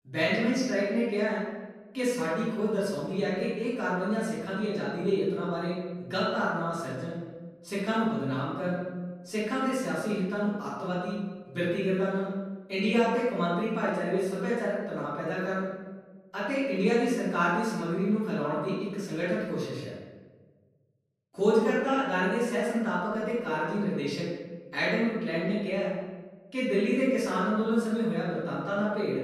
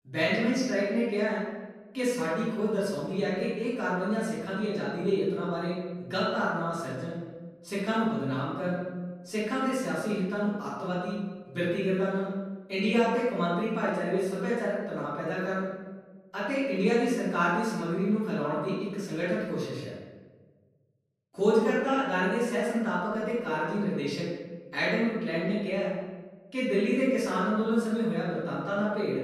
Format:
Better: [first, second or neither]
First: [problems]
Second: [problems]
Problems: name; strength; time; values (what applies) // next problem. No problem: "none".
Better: neither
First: room echo; noticeable; dies away in 1.1 s // off-mic speech; far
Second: room echo; noticeable; dies away in 1.1 s // off-mic speech; far